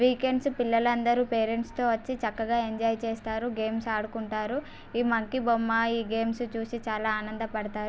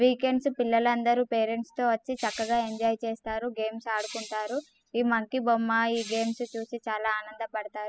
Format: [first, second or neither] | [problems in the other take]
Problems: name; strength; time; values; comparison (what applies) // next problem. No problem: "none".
first | noise reduction (classical method spectral subtraction)